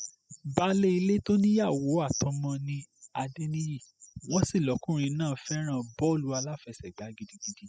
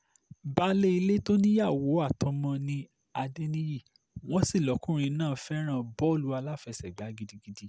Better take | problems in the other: second | noise reduction (classical method spectral subtraction)

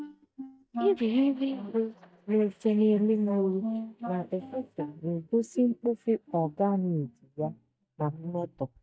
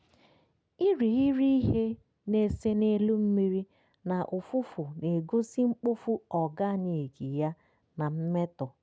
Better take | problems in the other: second | noise reduction (neural mask model DeepFilterNet 3)

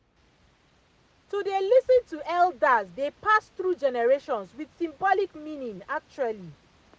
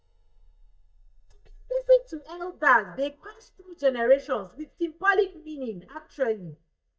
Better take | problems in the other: first | noise reduction (neural mask model DeepFilterNet 3)

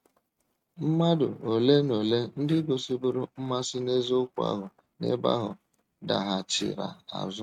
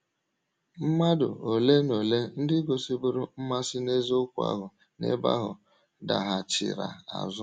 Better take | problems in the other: second | noise reduction (neural mask model RNNoise)

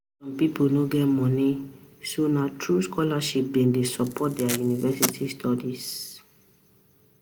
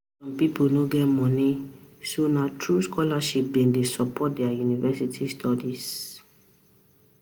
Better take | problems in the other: second | background sound (Packing tape, duct tape); 8 dB below the speech

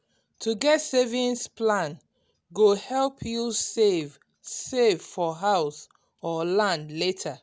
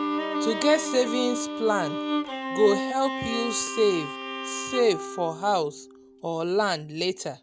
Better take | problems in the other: first | background sound (Bowed string instrument); 5 dB below the speech

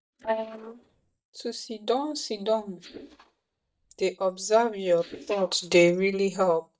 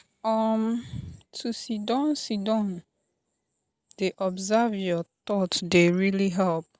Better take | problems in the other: second | noise reduction (neural mask model DeepFilterNet 3)

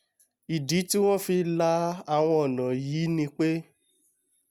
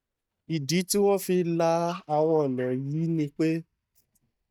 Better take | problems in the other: first | noise reduction (neural mask model DeepFilterNet 3)

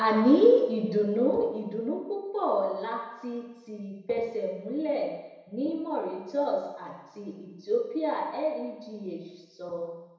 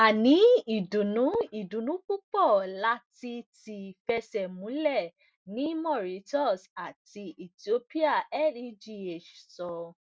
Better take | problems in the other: second | room echo; dies away in 1 s

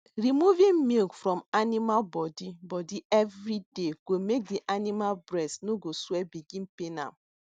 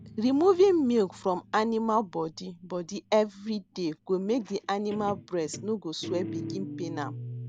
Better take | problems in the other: first | background sound (Guitar); 14 dB below the speech

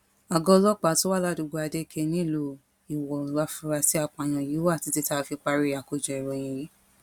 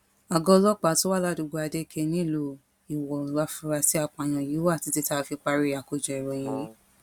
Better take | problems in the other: first | background sound (Brass instrument); 13 dB below the speech

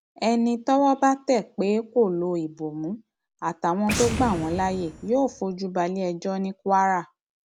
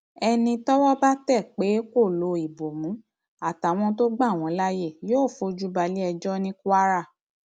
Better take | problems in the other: second | background sound (Boom); 11 dB below the speech

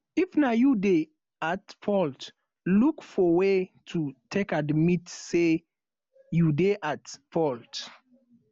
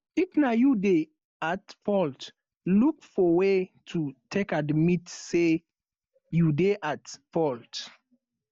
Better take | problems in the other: first | noise reduction (neural mask model DeepFilterNet 3)

